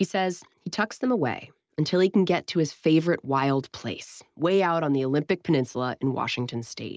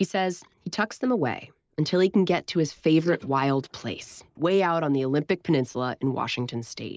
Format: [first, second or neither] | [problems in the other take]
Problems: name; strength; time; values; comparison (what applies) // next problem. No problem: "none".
first | noise reduction (neural mask model Resemble Enhance denoiser)